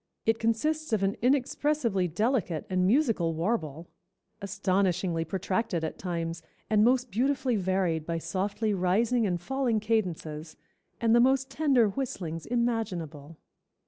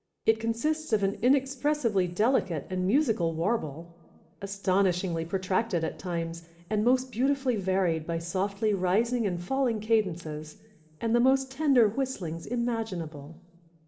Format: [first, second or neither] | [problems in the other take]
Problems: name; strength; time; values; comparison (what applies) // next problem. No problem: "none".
first | room echo; dies away in 2.2 s